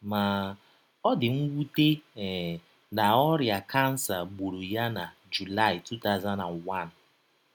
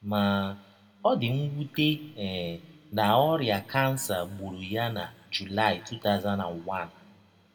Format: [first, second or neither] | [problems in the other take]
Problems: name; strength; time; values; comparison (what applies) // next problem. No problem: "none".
first | room echo; dies away in 0.9 s